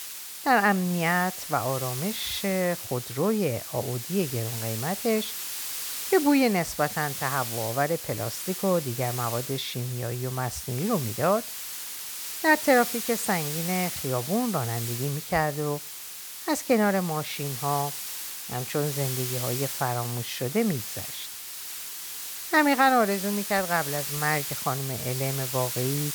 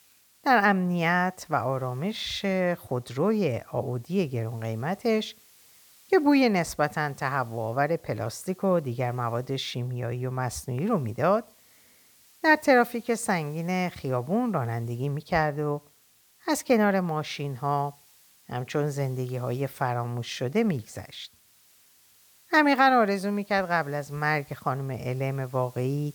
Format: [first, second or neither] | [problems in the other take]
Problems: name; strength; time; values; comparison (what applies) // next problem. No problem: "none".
second | hiss; loud; throughout; 5 dB below the speech; faint in the second